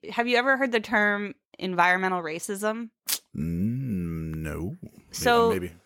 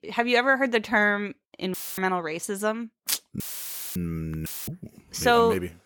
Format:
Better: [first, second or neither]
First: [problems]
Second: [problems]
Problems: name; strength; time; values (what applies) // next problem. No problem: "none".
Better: first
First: none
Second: audio cutting out; filled with static; at 1.5 s, at 3.5 s for 0.5 s and at 4.5 s